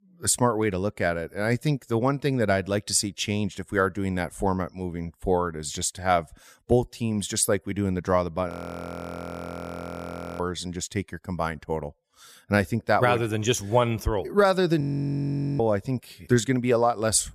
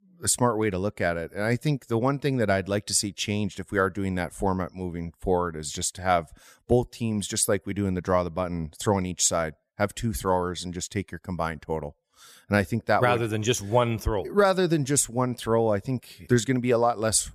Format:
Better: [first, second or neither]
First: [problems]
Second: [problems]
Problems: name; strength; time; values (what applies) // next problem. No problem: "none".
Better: second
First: audio freezing; at 8.5 s for 2 s and at 15 s for 1 s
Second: none